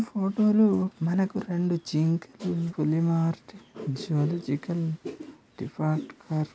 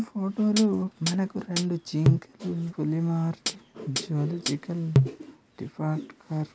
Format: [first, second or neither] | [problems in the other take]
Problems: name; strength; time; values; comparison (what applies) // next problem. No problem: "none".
first | background sound (Hi-hat); as loud as the speech